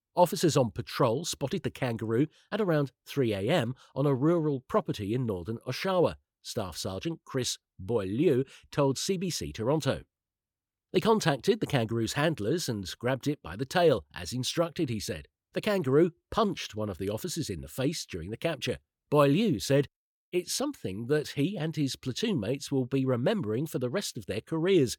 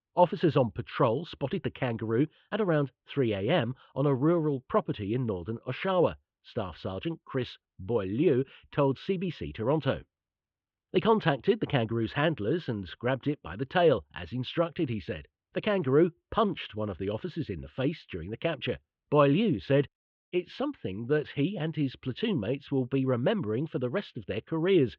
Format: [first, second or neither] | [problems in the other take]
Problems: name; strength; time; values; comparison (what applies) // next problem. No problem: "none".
first | muffled; very; fading above 3 kHz